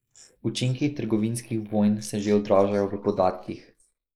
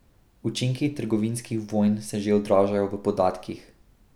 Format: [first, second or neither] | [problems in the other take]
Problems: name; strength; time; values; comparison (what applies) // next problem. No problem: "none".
second | noise reduction (neural mask model Resemble Enhance denoiser)